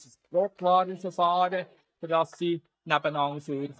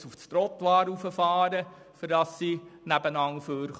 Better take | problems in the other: second | noise reduction (neural mask model DeepFilterNet 3)

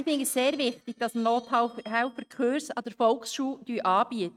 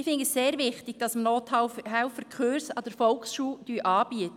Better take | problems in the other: second | noise reduction (neural mask model RNNoise)

